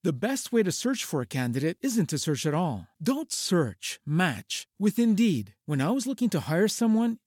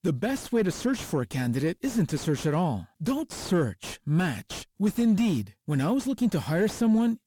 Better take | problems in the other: first | distortion; slight; 10 dB below the speech

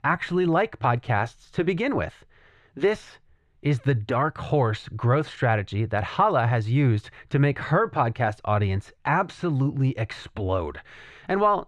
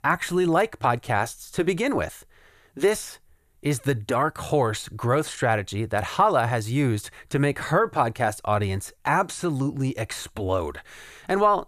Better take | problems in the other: second | muffled; slightly; fading above 3 kHz

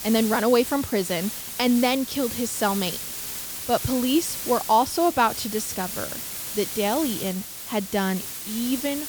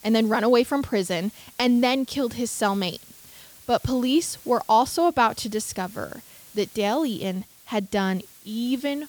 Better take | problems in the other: second | hiss; loud; throughout; 6 dB below the speech; faint in the second

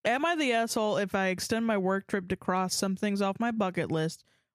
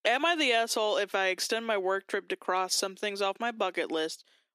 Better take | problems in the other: first | thin; somewhat; fading below 300 Hz

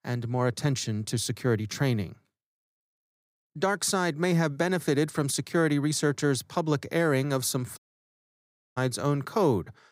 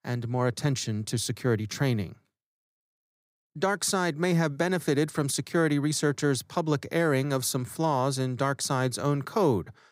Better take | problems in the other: second | audio cutting out; at 8 s for 1 s

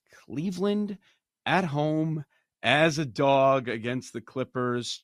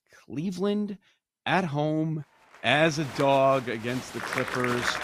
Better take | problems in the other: first | crowd noise; loud; from 3 s on; 7 dB below the speech

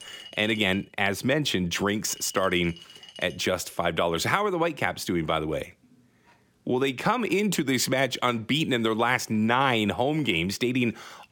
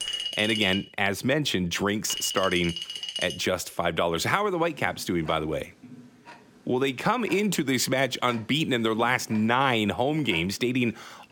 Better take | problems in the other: first | household noises; loud; throughout; 9 dB below the speech; faint in the first

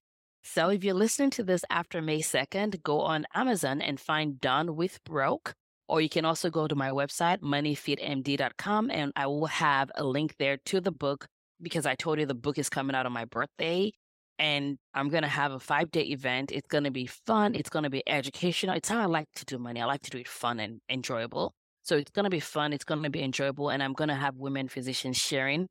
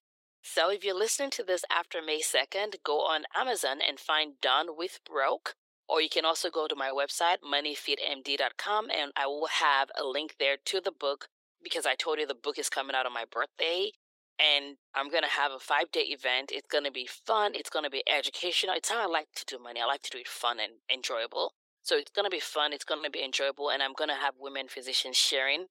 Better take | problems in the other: first | thin; very; fading below 400 Hz

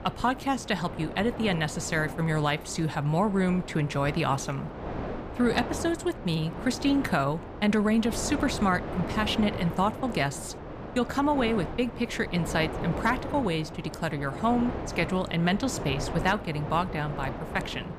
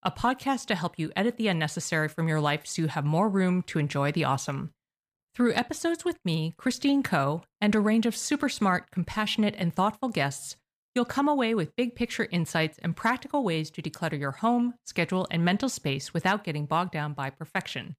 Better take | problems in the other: second | wind noise on the microphone; heavy; 9 dB below the speech

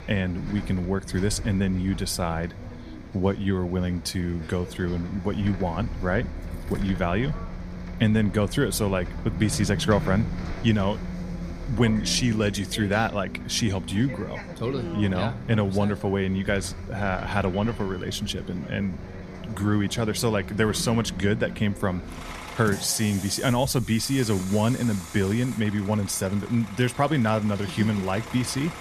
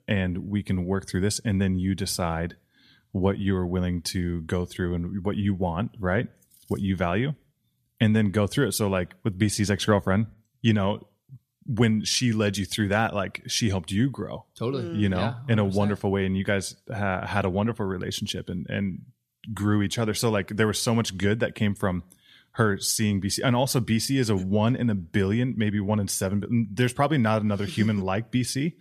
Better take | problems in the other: second | traffic noise; noticeable; throughout; 10 dB below the speech

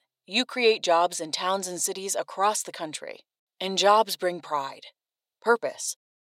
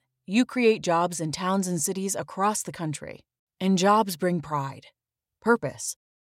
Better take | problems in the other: second | thin; somewhat; fading below 450 Hz

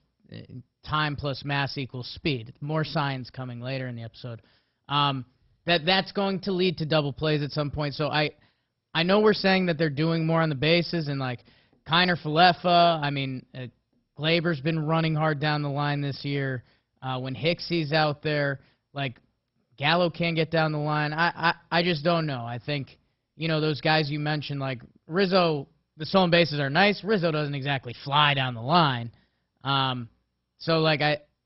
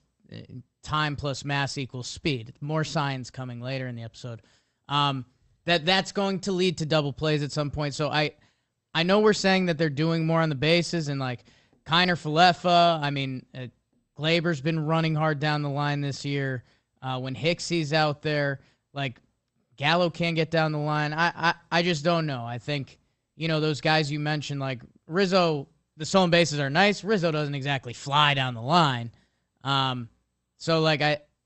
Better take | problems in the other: second | garbled, watery; badly; nothing above 5.5 kHz; slightly in the second

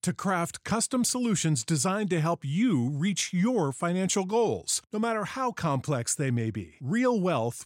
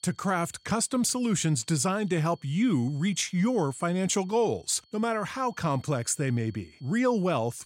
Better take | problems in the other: first | high-pitched whine; faint; throughout; 4.5 kHz, 30 dB below the speech

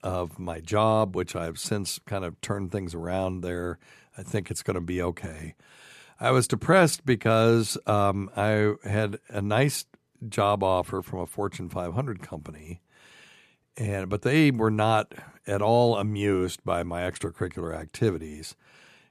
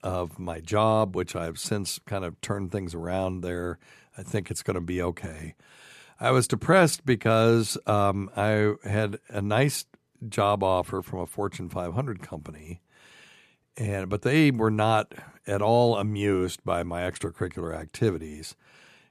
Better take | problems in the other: neither | none

